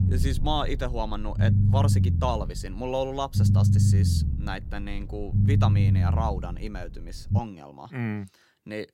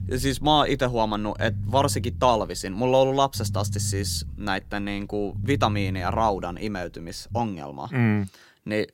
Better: second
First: low rumble; loud; until 7.5 s; 4 dB below the speech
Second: low rumble; faint; until 7.5 s; 20 dB below the speech

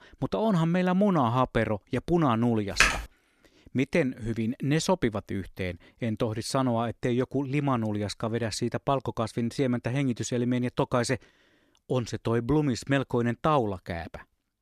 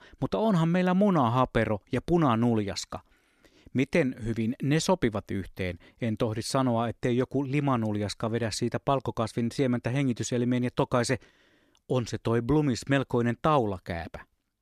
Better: second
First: keyboard typing; loud; at 3 s; peak 5 dB above the speech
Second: none

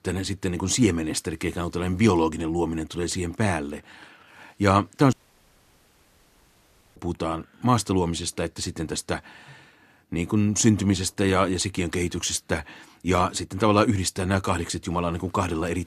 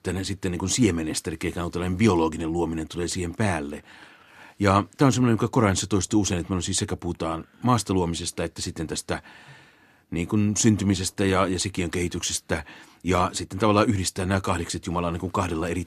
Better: second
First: audio cutting out; at 5 s for 2 s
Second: none

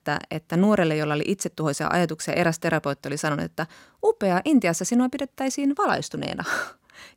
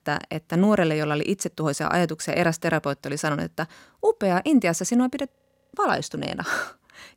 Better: first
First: none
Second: audio freezing; at 5.5 s

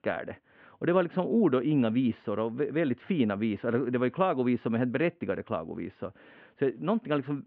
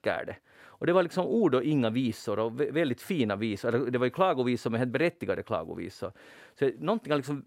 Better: second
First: muffled; very; fading above 3 kHz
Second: none

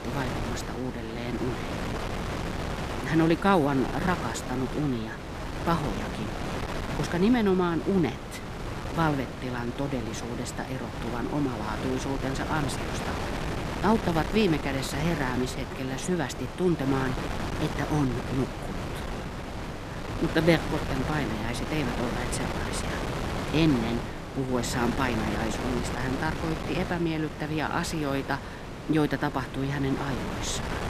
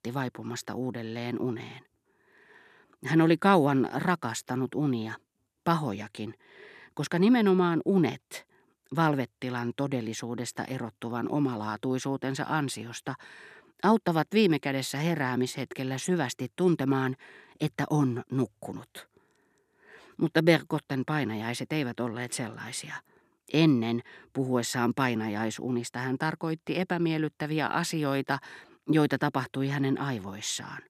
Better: second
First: wind noise on the microphone; heavy; 4 dB below the speech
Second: none

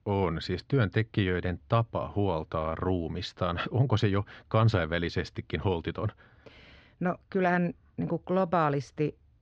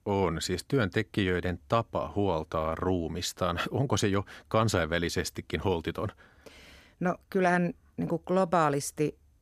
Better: second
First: muffled; very slightly; fading above 4.5 kHz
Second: none

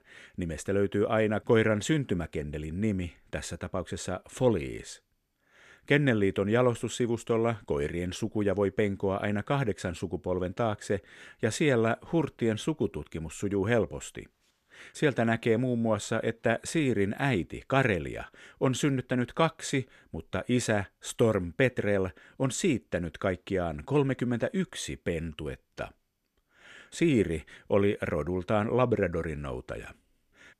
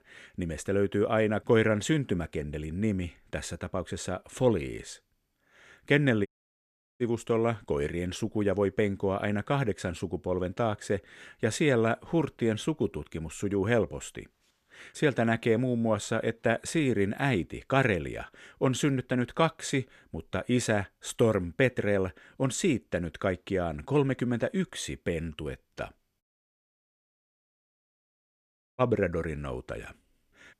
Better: first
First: none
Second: audio cutting out; at 6.5 s for 0.5 s and at 26 s for 2.5 s

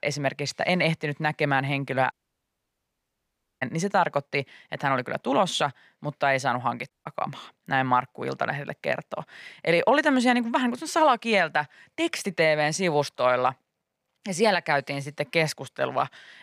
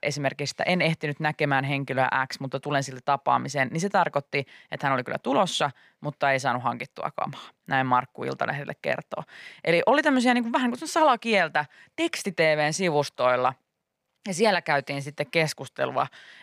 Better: second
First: audio cutting out; at 2 s for 1.5 s and at 7 s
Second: none

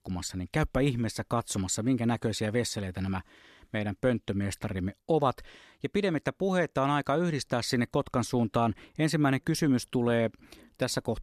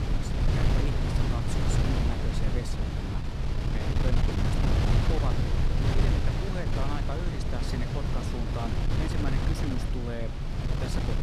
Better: first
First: none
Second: wind noise on the microphone; heavy; 4 dB above the speech

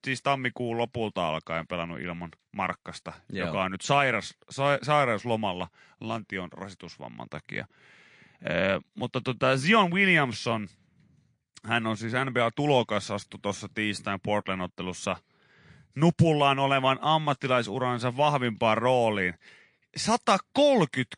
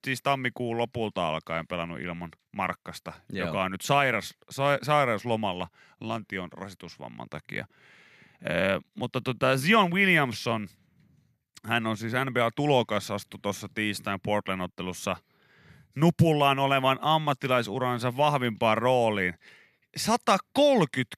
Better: second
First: garbled, watery; slightly; nothing above 10 kHz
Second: none

